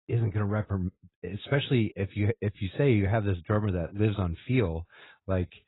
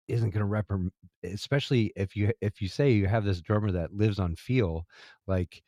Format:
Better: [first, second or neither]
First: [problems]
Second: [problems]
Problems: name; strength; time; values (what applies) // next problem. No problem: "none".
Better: second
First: garbled, watery; badly; nothing above 4 kHz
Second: none